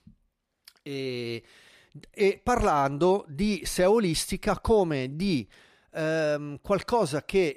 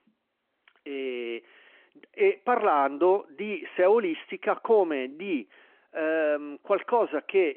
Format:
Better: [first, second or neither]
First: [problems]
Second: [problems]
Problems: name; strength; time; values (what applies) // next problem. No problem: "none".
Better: first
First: none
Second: phone-call audio